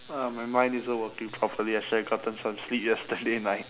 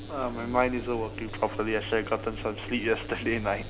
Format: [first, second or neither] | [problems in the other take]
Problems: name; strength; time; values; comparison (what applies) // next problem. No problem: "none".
first | background sound (Engine); 9 dB below the speech